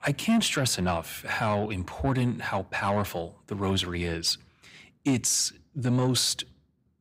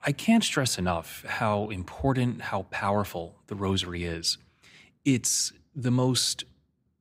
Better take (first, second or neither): second